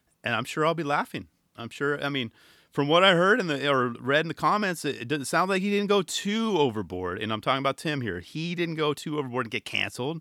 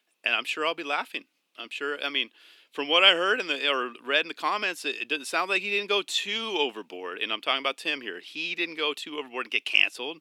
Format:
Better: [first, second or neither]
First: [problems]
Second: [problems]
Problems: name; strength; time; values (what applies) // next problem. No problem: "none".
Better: first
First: none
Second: thin; somewhat; fading below 300 Hz